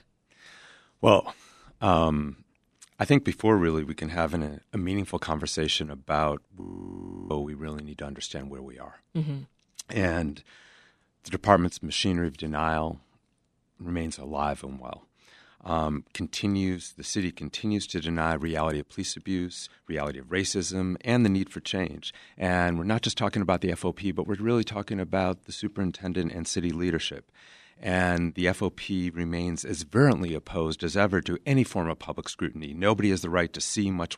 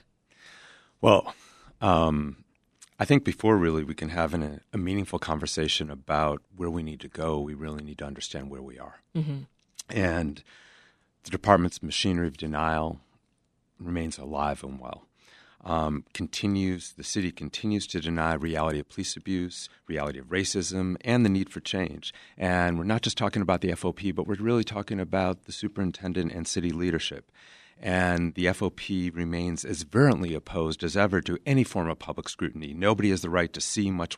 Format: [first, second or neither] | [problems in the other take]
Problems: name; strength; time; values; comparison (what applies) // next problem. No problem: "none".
second | audio freezing; at 6.5 s for 0.5 s